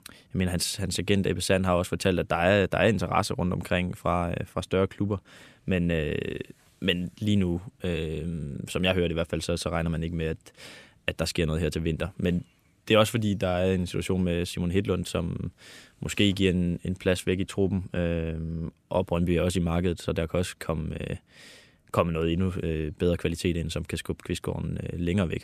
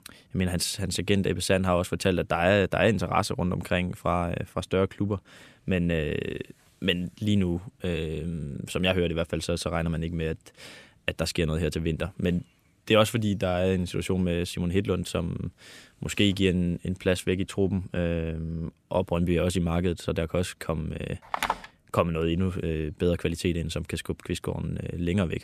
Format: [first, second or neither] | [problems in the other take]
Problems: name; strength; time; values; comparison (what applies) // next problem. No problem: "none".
first | phone ringing; noticeable; at 21 s; peak 2 dB below the speech